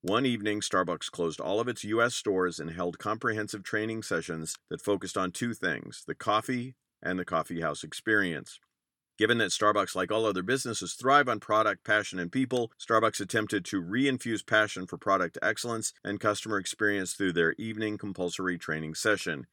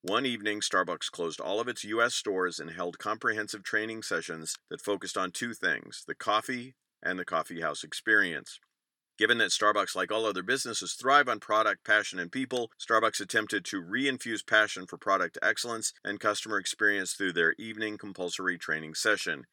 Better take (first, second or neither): first